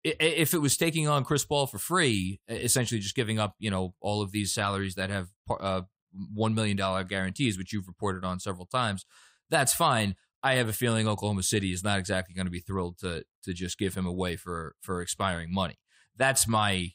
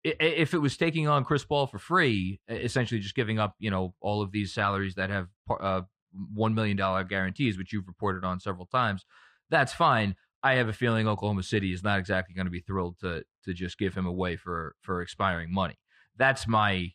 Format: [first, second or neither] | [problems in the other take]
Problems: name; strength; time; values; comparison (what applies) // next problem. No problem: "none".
first | muffled; slightly; fading above 3 kHz